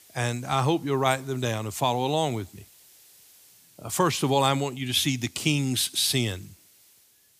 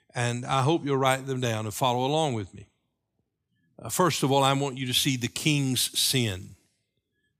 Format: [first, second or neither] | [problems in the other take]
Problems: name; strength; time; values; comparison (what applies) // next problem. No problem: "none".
second | hiss; faint; throughout; 25 dB below the speech